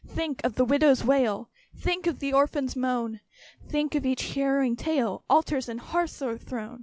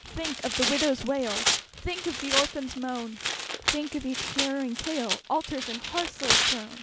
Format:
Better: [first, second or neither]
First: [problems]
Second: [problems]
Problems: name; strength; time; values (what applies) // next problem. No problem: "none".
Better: first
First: none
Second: background sound (Tearing); 1 dB above the speech